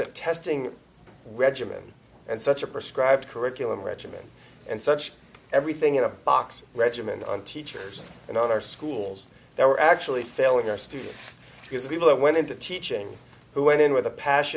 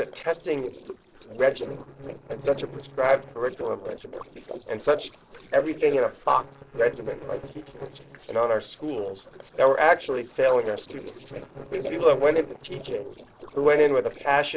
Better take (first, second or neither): first